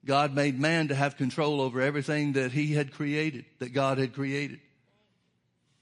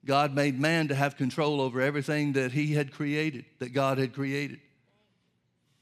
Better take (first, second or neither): second